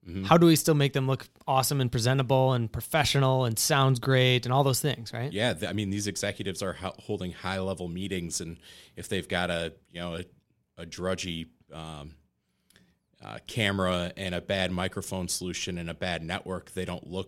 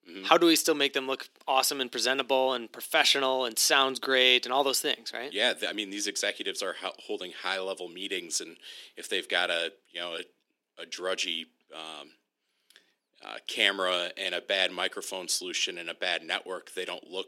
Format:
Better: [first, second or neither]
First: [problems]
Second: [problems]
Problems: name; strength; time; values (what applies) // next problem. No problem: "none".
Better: first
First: none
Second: thin; very; fading below 300 Hz